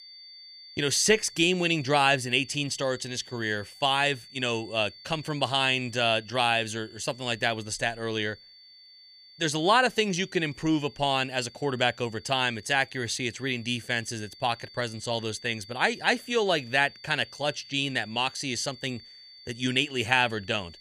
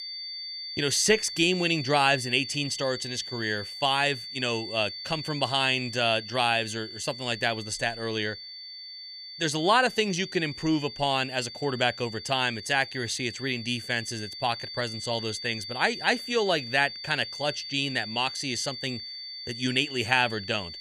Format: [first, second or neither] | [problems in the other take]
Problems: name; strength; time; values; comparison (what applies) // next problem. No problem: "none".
first | high-pitched whine; loud; throughout; 4.5 kHz, 10 dB below the speech; faint in the first